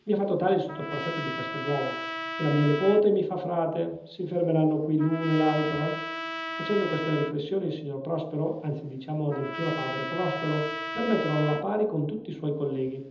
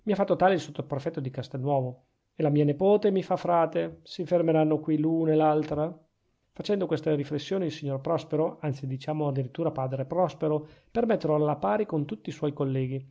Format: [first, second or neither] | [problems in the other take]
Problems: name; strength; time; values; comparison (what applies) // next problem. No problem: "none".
second | background sound (Trumpet); 9 dB below the speech // room echo; dies away in 1.2 s